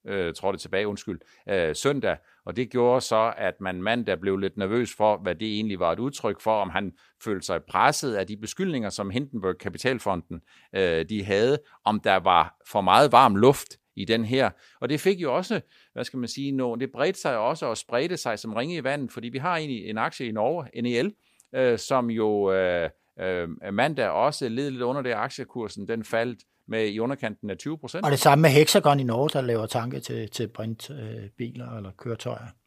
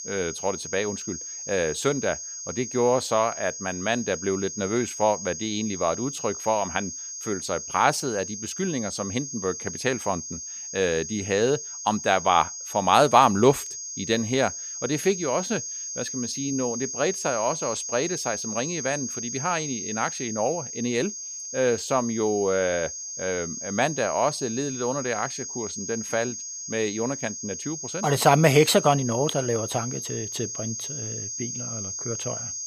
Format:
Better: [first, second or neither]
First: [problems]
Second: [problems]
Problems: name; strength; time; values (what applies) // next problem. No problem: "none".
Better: first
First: none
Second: high-pitched whine; loud; throughout; 6.5 kHz, 6 dB below the speech